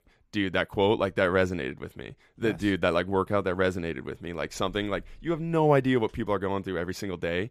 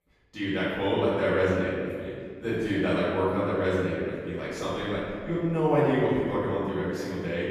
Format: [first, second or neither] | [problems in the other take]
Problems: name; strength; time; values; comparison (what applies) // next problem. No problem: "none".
first | off-mic speech; far // room echo; strong; dies away in 1.9 s